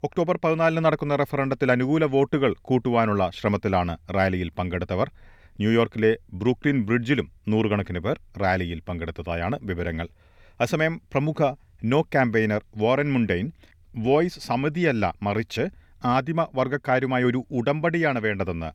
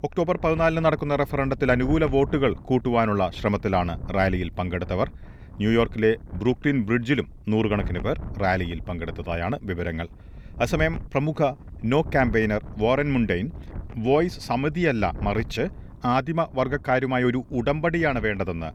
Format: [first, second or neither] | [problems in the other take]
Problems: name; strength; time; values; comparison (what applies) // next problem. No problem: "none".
first | wind noise on the microphone; occasional gusts; 25 dB below the speech